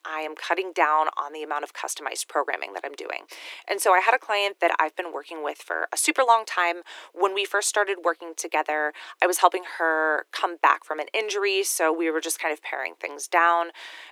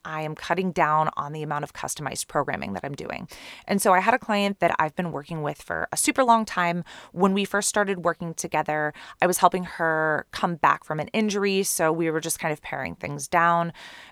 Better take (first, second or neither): second